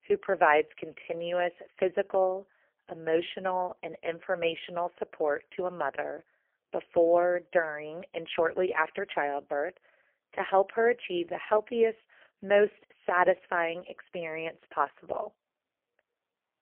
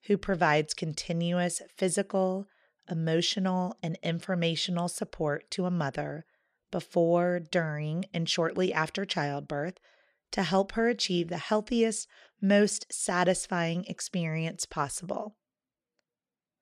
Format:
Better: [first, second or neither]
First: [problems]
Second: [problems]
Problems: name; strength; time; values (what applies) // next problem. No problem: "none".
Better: second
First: phone-call audio; poor line; nothing above 3.5 kHz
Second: none